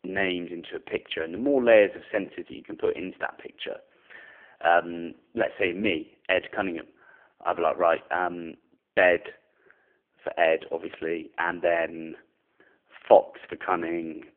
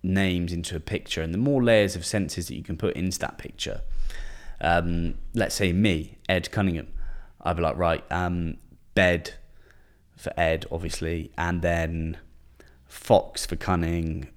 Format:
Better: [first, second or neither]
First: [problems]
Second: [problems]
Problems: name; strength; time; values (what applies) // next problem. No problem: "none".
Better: second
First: phone-call audio; poor line; nothing above 3 kHz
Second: none